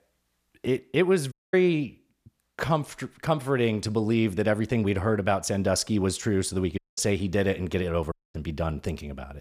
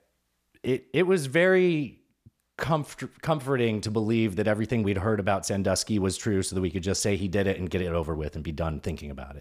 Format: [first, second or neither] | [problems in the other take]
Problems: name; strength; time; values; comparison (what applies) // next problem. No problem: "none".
second | audio cutting out; at 1.5 s, at 7 s and at 8 s